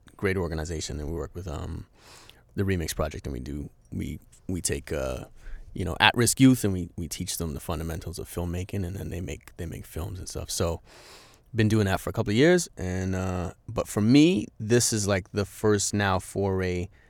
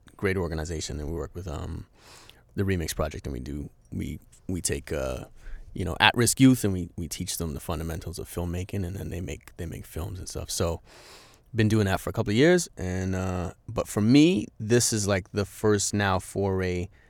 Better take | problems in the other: neither | none

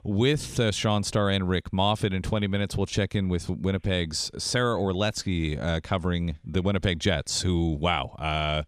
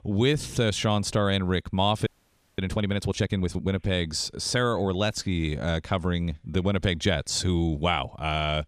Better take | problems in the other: first | audio freezing; at 2 s for 0.5 s

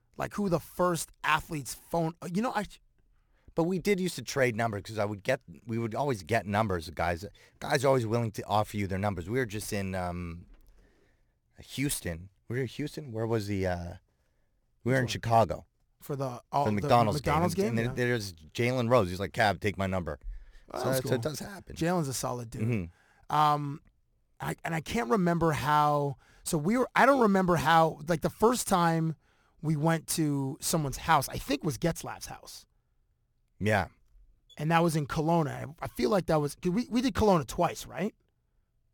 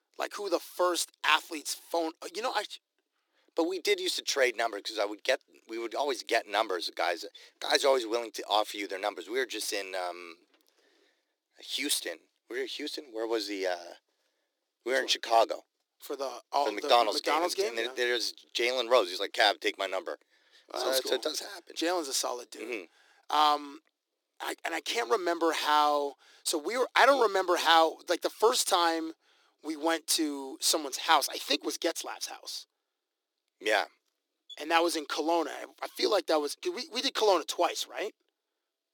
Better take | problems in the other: first | thin; very; fading below 300 Hz

